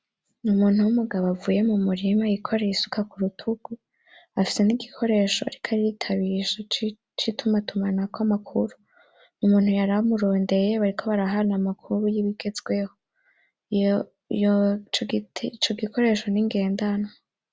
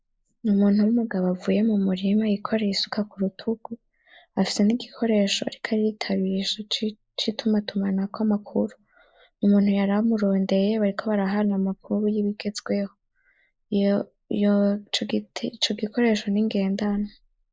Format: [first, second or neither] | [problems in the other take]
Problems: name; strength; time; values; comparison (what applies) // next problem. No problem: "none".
first | noise reduction (neural mask model Resemble Enhance denoiser)